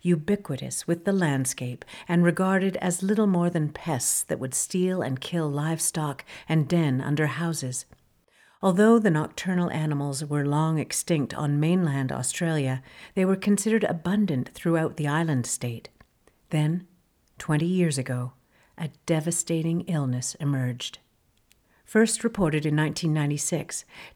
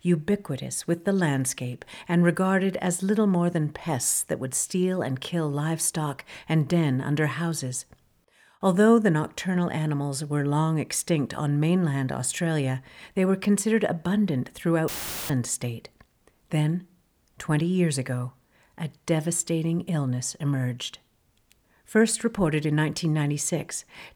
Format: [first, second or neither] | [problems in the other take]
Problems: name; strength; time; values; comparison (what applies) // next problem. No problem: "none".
first | audio cutting out; filled with static; at 15 s